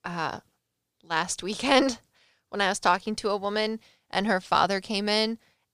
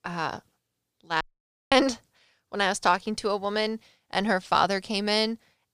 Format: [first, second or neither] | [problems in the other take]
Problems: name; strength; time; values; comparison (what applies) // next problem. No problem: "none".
first | audio cutting out; at 1 s for 0.5 s